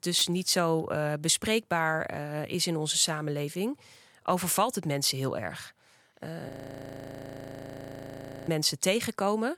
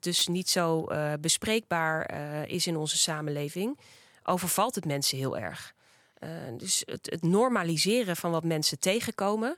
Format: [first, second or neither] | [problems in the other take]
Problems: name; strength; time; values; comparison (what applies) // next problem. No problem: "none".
second | audio freezing; at 6.5 s for 2 s